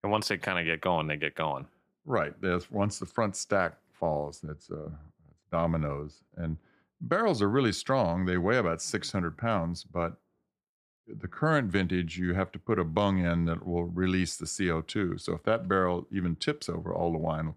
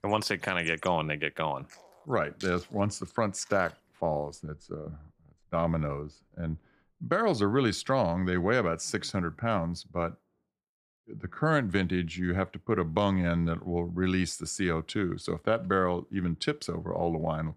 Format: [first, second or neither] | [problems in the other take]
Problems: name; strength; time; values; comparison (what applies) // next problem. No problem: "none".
first | animal sounds; faint; until 8 s; 25 dB below the speech